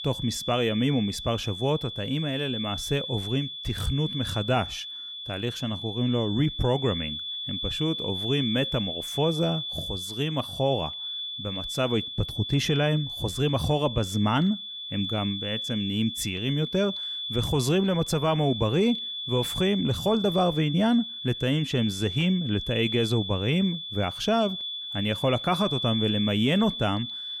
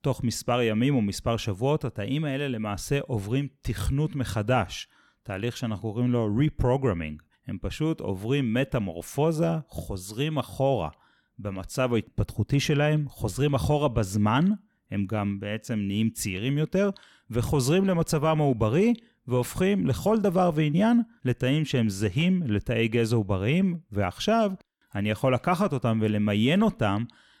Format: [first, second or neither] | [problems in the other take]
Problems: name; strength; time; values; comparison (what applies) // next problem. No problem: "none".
second | high-pitched whine; loud; throughout; 3.5 kHz, 5 dB below the speech